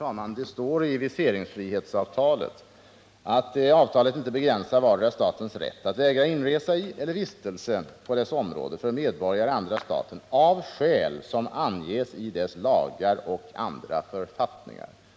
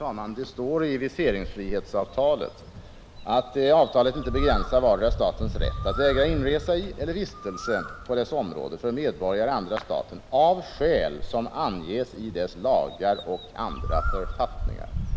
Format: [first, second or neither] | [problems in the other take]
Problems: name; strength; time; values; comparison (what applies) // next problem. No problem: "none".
first | background sound (Bird); 7 dB below the speech